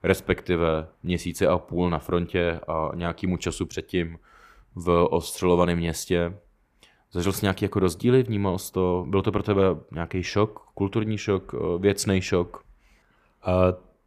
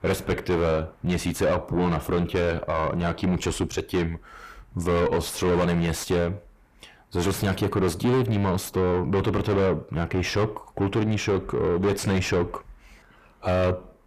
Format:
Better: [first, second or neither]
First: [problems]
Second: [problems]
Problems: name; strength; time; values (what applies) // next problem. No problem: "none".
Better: first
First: none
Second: distortion; heavy; 5 dB below the speech